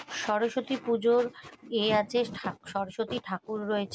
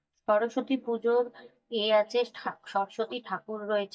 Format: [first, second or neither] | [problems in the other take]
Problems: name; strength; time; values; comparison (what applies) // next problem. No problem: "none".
first | noise reduction (neural mask model DeepFilterNet 3)